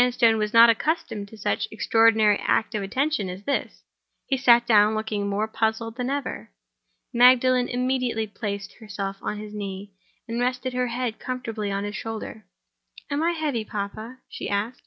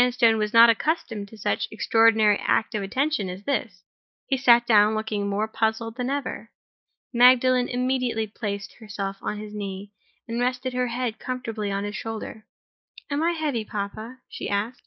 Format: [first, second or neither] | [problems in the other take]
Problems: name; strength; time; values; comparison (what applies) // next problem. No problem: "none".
first | noise reduction (neural mask model Resemble Enhance denoiser)